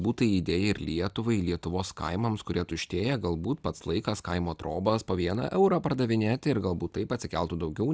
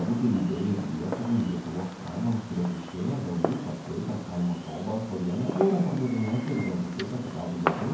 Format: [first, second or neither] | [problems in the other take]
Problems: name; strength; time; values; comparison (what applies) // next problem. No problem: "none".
first | background sound (Fireworks); 8 dB below the speech // room echo; dies away in 0.9 s